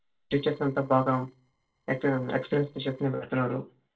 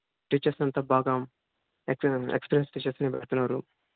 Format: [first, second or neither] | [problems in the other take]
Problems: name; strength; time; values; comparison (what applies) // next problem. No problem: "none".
second | noise reduction (neural separator model SepFormer DNS4)